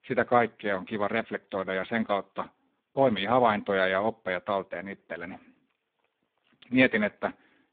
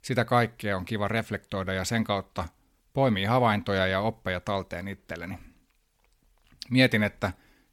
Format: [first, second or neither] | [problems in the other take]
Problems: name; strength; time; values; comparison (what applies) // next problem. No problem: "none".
second | phone-call audio; poor line; nothing above 3.5 kHz